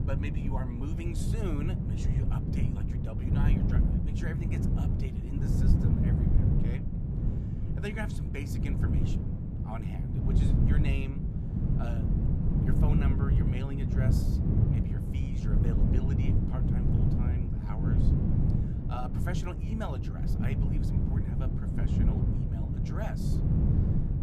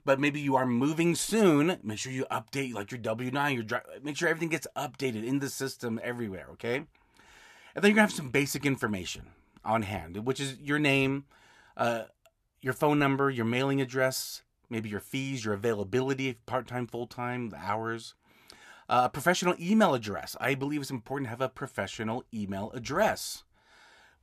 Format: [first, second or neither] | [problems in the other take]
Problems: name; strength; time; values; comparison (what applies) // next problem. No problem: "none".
second | wind noise on the microphone; heavy; 4 dB above the speech